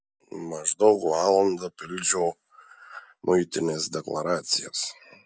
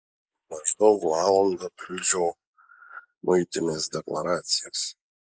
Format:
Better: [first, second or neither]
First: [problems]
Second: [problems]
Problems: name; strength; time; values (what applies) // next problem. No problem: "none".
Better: first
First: none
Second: noise reduction (neural mask model Resemble Enhance denoiser)